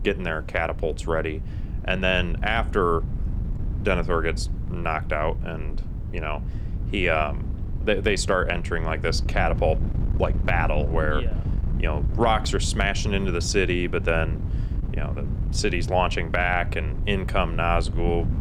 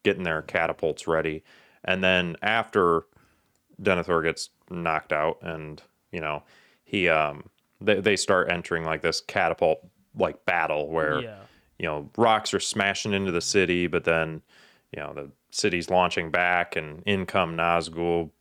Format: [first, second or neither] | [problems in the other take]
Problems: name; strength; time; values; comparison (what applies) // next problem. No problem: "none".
second | wind noise on the microphone; occasional gusts; 15 dB below the speech